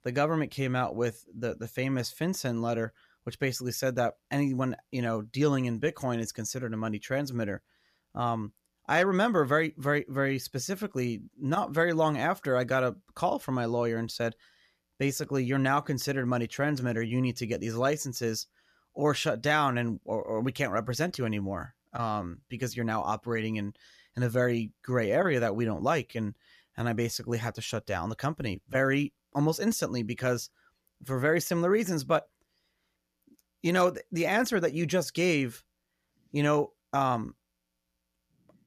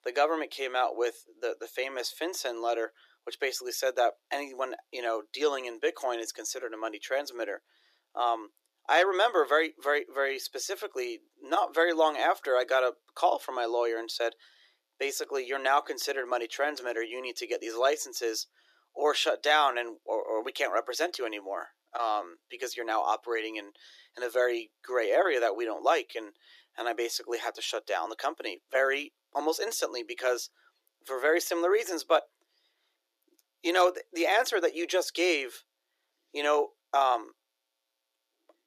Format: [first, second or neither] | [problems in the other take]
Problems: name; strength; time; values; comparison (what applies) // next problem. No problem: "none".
first | thin; very; fading below 350 Hz